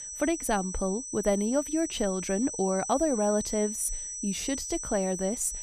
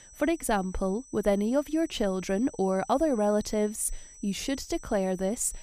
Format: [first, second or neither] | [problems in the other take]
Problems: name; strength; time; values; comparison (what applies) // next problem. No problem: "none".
second | high-pitched whine; loud; throughout; 6 kHz, 6 dB below the speech; faint in the second